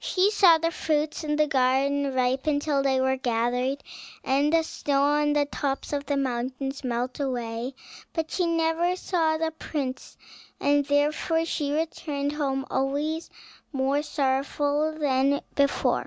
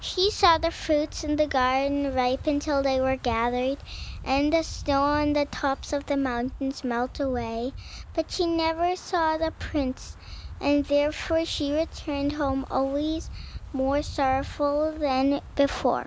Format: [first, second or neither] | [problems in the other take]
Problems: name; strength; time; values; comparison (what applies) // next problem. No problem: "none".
first | background sound (Wind); 14 dB below the speech